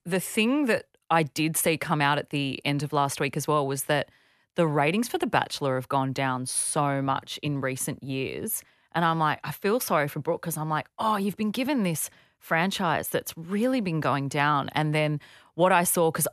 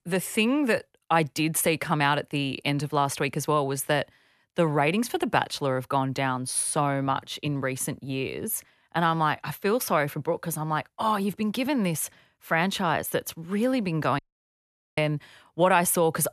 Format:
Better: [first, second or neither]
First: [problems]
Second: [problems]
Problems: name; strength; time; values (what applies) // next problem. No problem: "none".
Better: first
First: none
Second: audio cutting out; at 14 s for 1 s